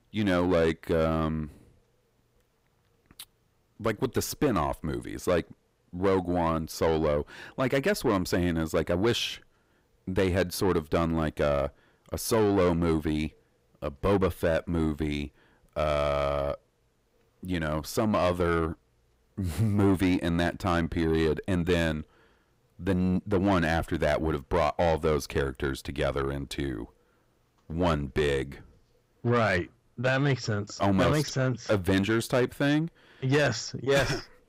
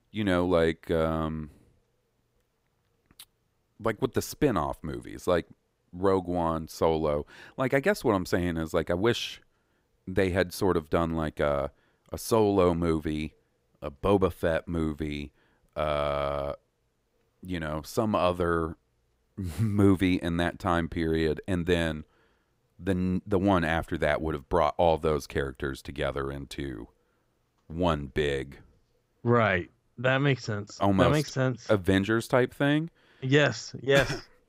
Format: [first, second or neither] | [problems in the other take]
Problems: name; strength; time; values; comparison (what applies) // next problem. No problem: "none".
second | distortion; slight; 10 dB below the speech